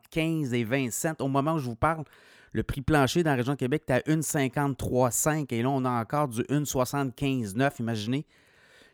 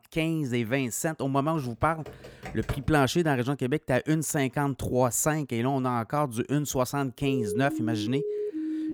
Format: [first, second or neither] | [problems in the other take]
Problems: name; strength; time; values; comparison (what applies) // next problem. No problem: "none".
first | keyboard typing; faint; from 1.5 to 3 s; peak 15 dB below the speech // siren; noticeable; from 7 s on; peak 4 dB below the speech